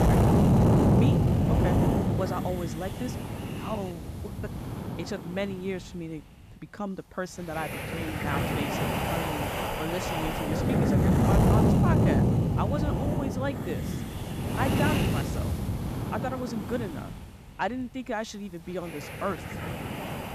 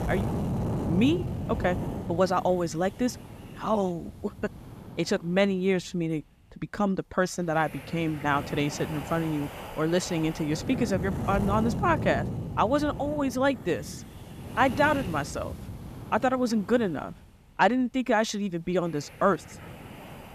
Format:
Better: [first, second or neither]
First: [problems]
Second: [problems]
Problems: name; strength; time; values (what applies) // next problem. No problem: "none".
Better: second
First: wind noise on the microphone; heavy; 4 dB above the speech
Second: wind noise on the microphone; occasional gusts; 15 dB below the speech